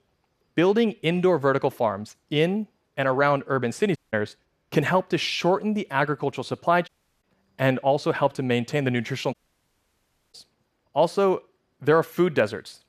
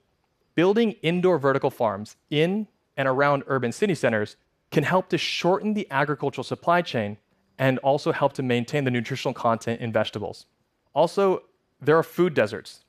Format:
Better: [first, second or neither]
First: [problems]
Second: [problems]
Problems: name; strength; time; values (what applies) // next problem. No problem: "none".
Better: second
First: audio cutting out; at 4 s, at 7 s and at 9.5 s for 1 s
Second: none